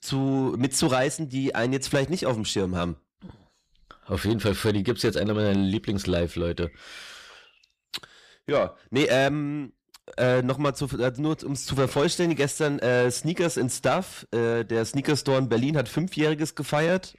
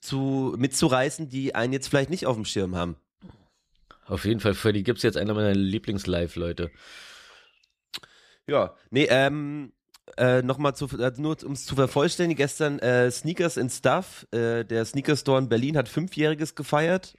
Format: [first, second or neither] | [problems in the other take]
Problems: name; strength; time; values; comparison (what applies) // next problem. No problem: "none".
second | distortion; slight; 10 dB below the speech